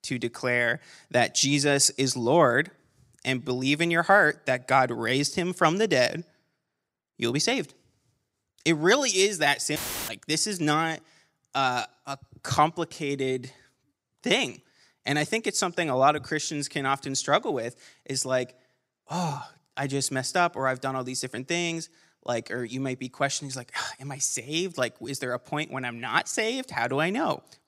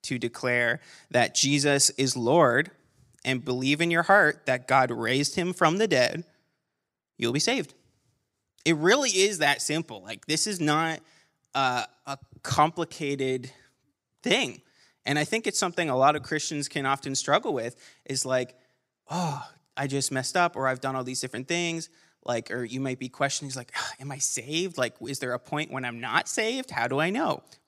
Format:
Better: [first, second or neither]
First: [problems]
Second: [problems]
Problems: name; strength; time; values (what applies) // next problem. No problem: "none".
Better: second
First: audio cutting out; filled with static; at 10 s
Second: none